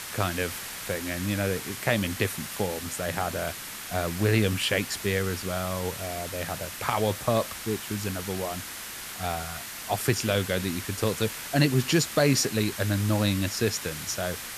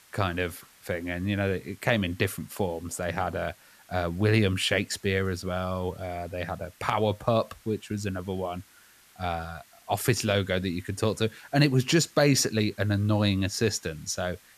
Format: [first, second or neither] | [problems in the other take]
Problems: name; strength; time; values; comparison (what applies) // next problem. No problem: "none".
second | hiss; loud; throughout; 7 dB below the speech; faint in the second